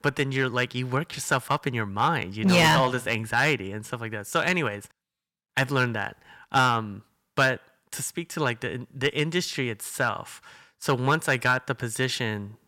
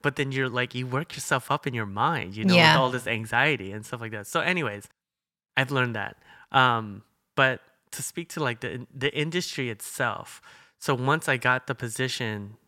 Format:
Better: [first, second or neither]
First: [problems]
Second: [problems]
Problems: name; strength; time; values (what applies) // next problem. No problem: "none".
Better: second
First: distortion; slight; 1.9% of the sound clipped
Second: none